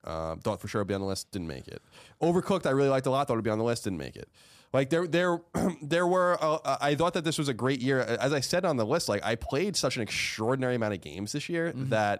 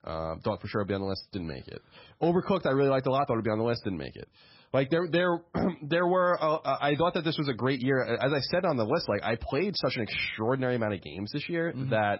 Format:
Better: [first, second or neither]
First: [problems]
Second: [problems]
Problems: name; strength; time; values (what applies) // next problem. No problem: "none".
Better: first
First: none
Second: garbled, watery; badly; nothing above 5.5 kHz